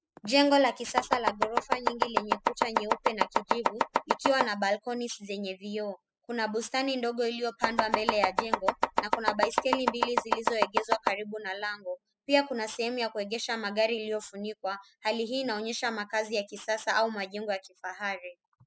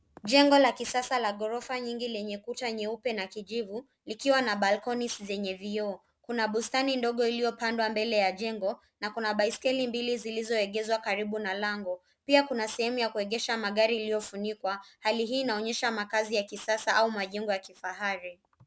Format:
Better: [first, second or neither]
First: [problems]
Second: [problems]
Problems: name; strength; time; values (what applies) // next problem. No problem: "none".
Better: second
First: noise reduction (classical method spectral subtraction)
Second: none